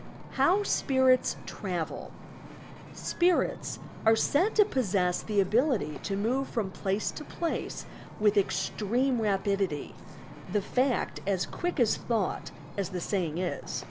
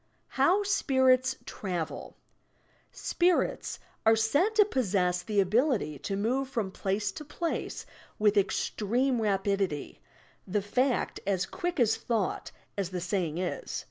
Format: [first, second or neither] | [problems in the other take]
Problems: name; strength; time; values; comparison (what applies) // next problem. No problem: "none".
second | background sound (Wind / Ocean + Chewing, mastication); 14 dB below the speech